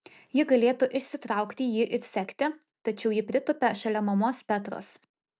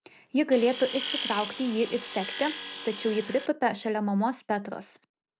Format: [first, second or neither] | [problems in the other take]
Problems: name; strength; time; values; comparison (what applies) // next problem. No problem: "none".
first | background sound (Tools); 8 dB below the speech